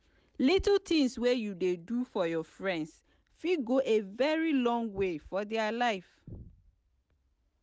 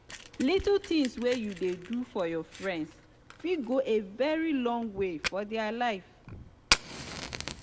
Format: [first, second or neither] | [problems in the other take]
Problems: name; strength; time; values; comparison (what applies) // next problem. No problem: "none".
first | background sound (Fire); 8 dB below the speech // room echo; dies away in 0.9 s